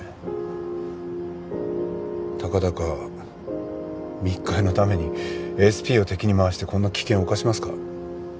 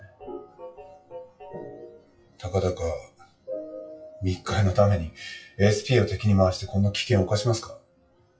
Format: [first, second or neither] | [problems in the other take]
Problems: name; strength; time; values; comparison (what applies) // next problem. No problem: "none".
first | noise reduction (classical method WPE with log-MMSE)